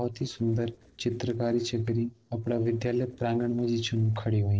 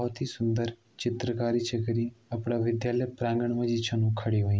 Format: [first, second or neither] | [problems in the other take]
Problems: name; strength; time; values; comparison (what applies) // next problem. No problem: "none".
second | noise reduction (neural separator model SepFormer DNS4)